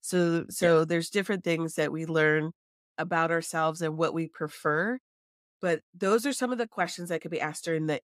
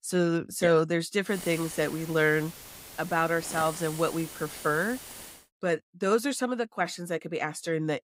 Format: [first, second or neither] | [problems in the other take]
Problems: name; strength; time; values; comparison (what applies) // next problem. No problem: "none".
first | hiss; noticeable; from 1.5 to 5.5 s; 10 dB below the speech